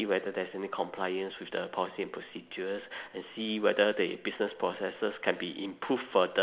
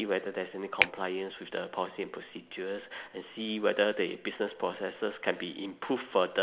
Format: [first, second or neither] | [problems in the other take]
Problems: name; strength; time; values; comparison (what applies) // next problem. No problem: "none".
first | background sound (Finger snapping); 5 dB below the speech